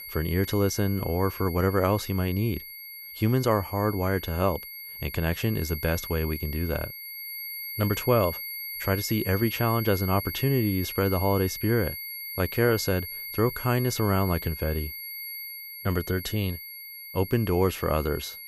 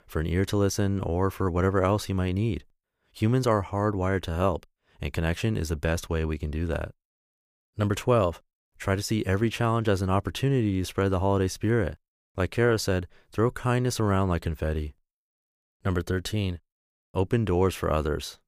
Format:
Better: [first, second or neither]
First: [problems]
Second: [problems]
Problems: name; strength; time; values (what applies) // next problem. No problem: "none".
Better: second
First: high-pitched whine; loud; throughout; 2 kHz, 8 dB below the speech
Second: none